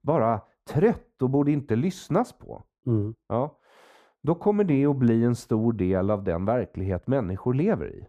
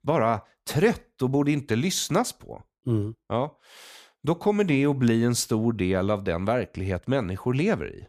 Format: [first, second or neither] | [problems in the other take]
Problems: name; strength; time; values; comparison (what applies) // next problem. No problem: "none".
second | muffled; very; fading above 2 kHz